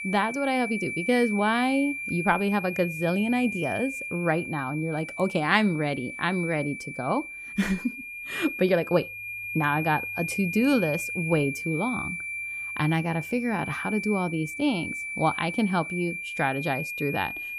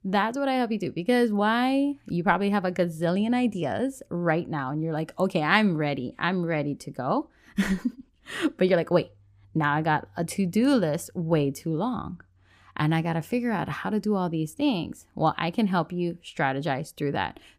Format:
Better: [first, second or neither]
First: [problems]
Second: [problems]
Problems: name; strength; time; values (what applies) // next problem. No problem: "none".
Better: second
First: high-pitched whine; loud; throughout; 2.5 kHz, 6 dB below the speech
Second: none